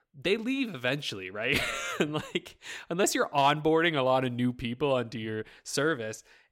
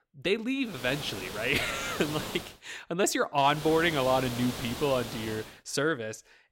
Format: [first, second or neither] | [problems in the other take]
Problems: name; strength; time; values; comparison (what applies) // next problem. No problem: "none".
first | hiss; loud; from 1 to 2.5 s and from 3.5 to 5.5 s; 9 dB below the speech